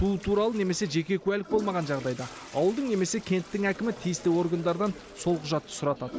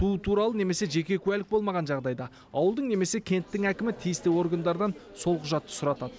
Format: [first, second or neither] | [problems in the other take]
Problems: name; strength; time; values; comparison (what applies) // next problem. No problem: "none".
second | background sound (Toilet flush); 17 dB below the speech